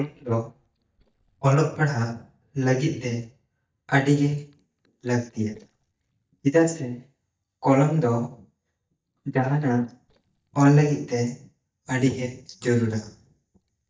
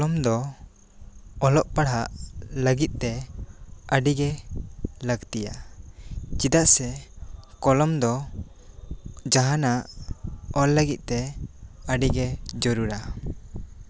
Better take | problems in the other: second | noise reduction (neural mask model DeepFilterNet 3)

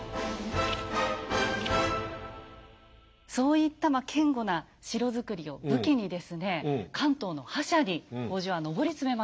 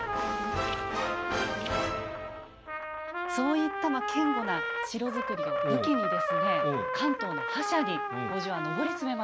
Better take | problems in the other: first | background sound (Trumpet); as loud as the speech

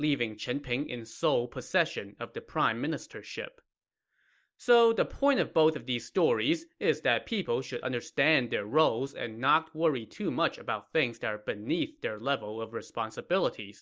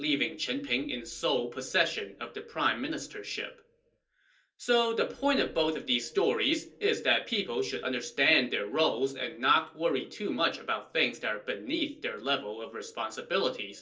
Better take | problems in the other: first | room echo; dies away in 0.3 s

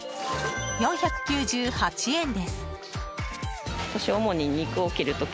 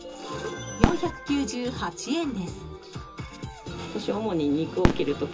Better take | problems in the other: first | background sound (Fireworks); 2 dB below the speech // room echo; dies away in 0.2 s

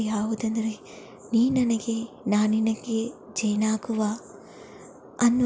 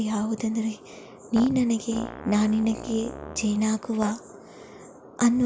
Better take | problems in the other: first | background sound (Fart); 13 dB below the speech

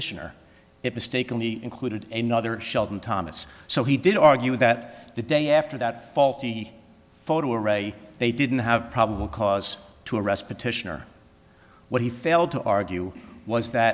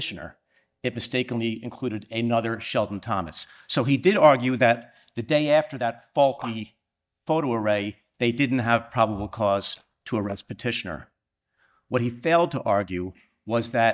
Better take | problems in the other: first | noise reduction (neural mask model DeepFilterNet 3)

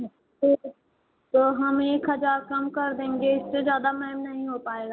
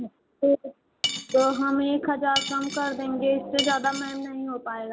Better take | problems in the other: first | background sound (Cutlery, silverware / Dishes, pots, and pans); 6 dB below the speech

